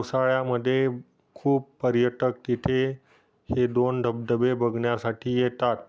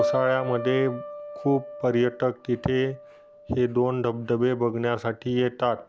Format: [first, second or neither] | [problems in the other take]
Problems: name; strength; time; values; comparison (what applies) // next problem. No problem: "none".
first | background sound (Piano); 10 dB below the speech